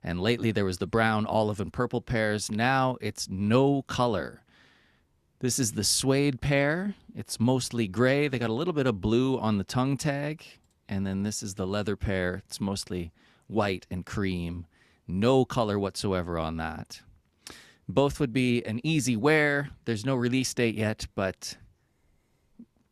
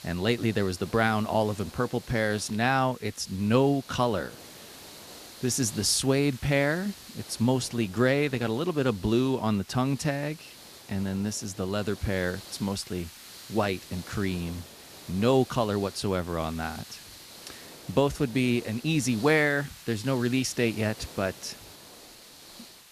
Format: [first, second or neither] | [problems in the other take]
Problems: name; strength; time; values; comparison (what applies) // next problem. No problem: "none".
first | hiss; noticeable; throughout; 20 dB below the speech